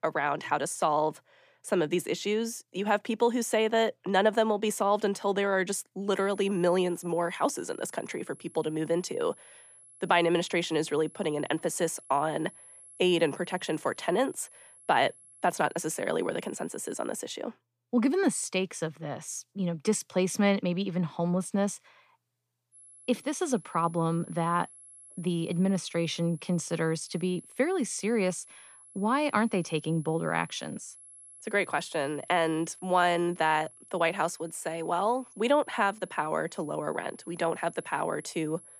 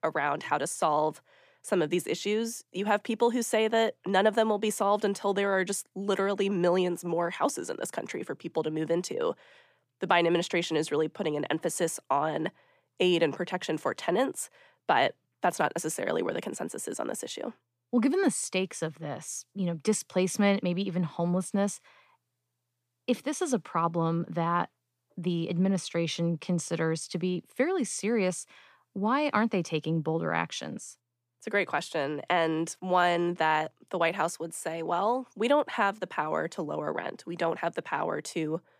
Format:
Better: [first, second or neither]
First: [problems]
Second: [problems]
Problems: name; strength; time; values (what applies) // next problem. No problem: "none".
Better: second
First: high-pitched whine; faint; from 6 to 17 s and from 23 s on; 11 kHz, 20 dB below the speech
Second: none